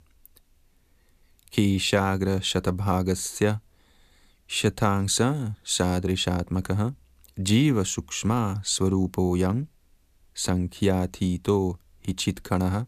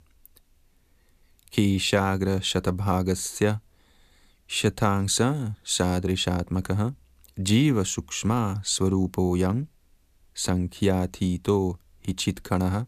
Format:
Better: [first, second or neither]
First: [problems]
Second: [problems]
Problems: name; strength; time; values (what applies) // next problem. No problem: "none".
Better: neither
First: none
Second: none